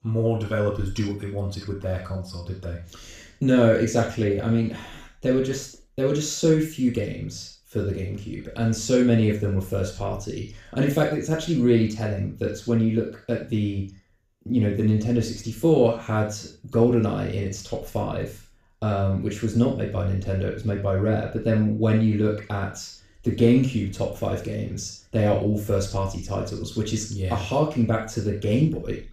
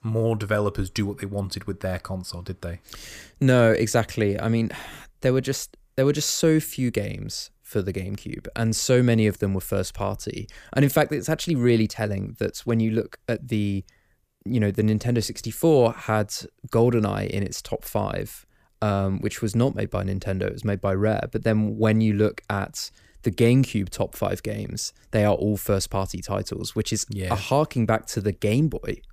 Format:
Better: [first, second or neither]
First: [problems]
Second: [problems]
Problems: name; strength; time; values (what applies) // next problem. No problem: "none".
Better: second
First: room echo; noticeable; dies away in 0.4 s // off-mic speech; far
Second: none